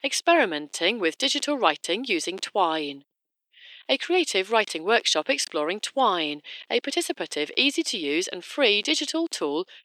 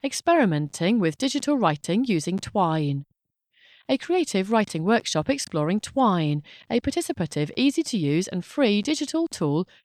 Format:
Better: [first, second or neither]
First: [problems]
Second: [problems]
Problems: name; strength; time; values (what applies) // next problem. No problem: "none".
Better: second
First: thin; somewhat; fading below 350 Hz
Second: none